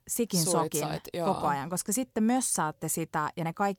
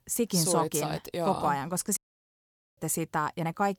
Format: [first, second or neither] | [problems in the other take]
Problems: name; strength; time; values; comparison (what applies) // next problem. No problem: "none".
first | audio cutting out; at 2 s for 1 s